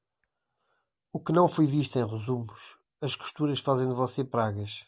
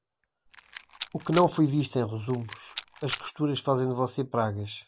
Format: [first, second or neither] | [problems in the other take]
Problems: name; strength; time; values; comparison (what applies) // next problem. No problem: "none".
first | background sound (Rattle); 13 dB below the speech